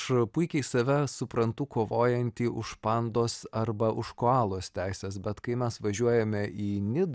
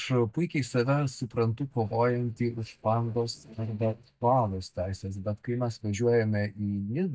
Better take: first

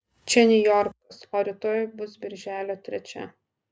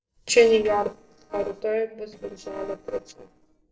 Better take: first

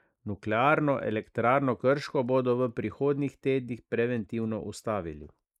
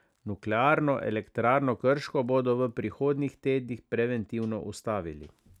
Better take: second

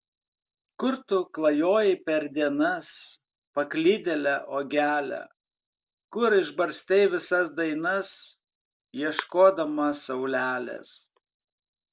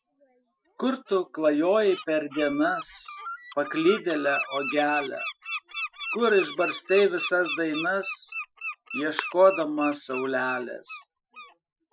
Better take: first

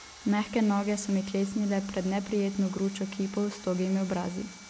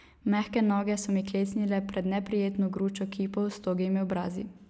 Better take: second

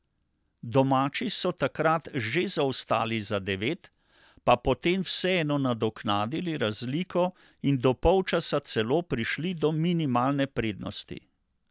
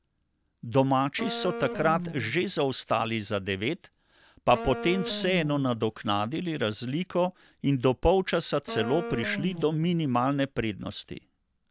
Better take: first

